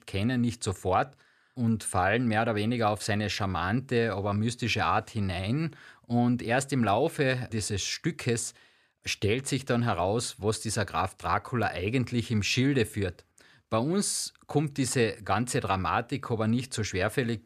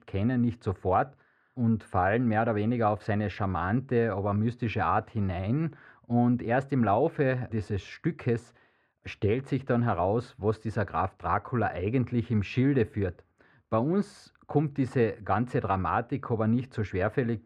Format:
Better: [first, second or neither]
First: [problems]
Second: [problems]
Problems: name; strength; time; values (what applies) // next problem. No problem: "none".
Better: first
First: none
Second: muffled; very; fading above 3.5 kHz